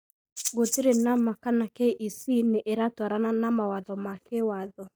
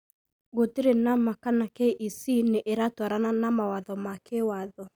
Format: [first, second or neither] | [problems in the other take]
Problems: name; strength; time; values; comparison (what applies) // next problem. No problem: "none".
second | noise reduction (neural mask model DeepFilterNet 3)